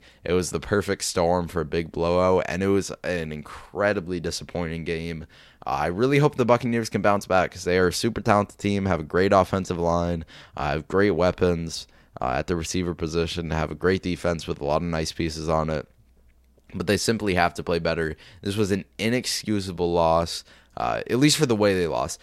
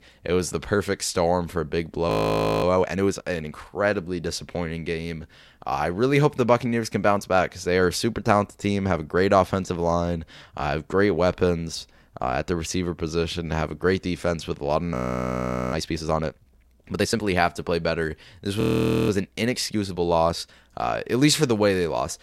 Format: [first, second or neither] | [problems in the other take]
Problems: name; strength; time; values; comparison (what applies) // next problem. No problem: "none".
first | audio freezing; at 2 s for 0.5 s, at 15 s for 1 s and at 19 s